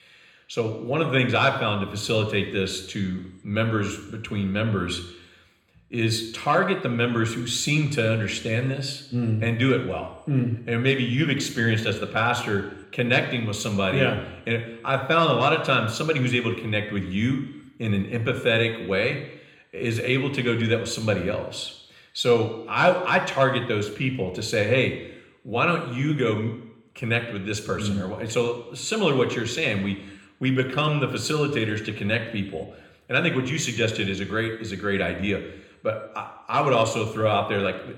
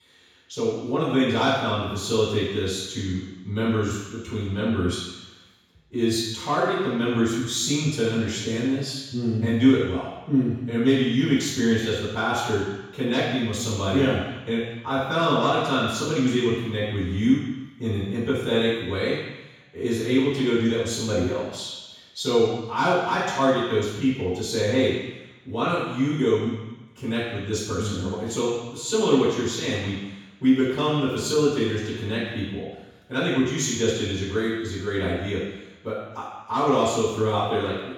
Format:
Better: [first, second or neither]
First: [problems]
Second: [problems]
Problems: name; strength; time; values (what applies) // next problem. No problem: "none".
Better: first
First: room echo; slight; dies away in 0.8 s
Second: room echo; strong; dies away in 1.1 s // off-mic speech; far